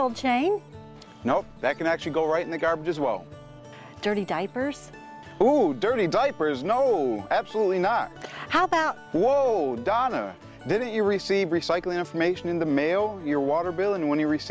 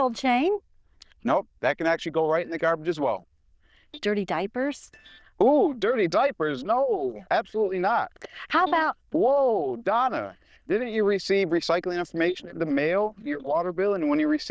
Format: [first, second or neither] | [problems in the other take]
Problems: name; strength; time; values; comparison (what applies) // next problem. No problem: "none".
first | noise reduction (neural diffusion model UNIVERSE++)